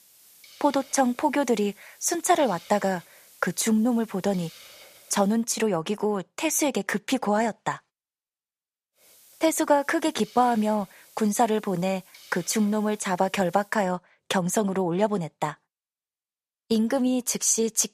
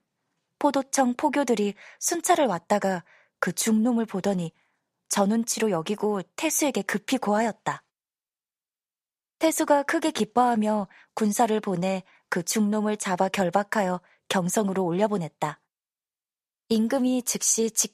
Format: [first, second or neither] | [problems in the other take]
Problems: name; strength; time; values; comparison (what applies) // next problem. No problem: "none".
second | hiss; faint; until 5.5 s and from 9 to 14 s; 25 dB below the speech